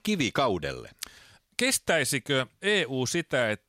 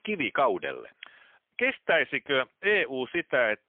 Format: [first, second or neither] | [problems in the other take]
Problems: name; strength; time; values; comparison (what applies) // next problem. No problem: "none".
first | phone-call audio; poor line; nothing above 3.5 kHz